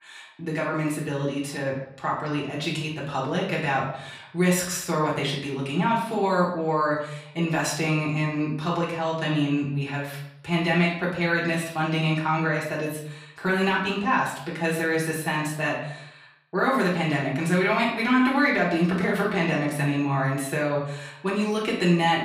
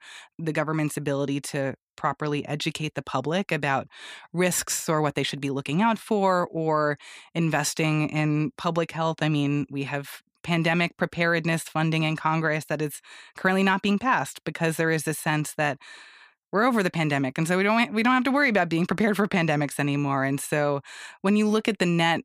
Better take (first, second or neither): second